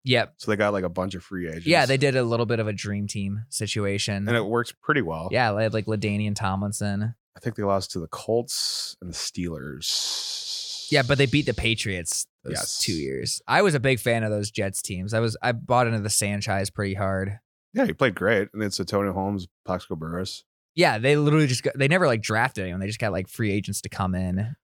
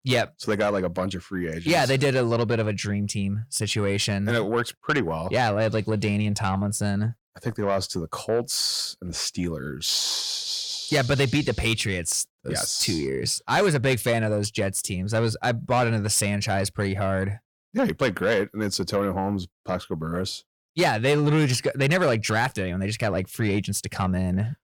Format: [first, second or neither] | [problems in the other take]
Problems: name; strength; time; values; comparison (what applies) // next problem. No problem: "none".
first | distortion; slight; 10 dB below the speech